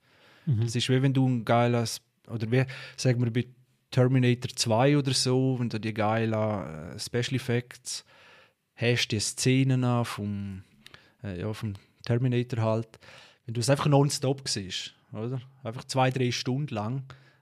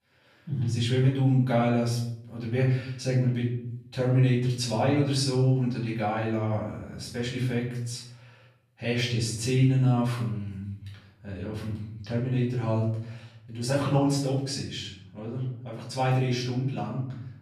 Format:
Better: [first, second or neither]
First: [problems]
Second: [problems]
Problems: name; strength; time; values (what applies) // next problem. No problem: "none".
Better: first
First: none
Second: room echo; noticeable; dies away in 0.8 s // off-mic speech; far